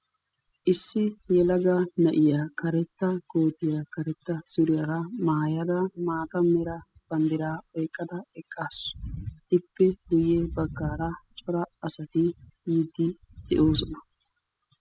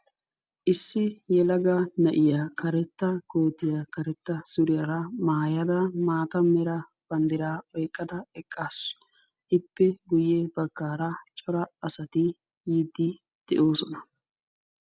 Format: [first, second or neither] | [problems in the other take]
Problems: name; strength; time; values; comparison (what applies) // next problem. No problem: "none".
second | noise reduction (classical method spectral subtraction)